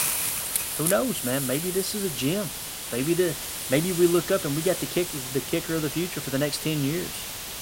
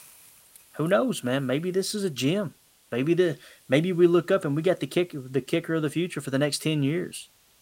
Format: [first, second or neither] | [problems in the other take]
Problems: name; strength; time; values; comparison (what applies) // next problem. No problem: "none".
second | hiss; loud; throughout; 3 dB below the speech; faint in the second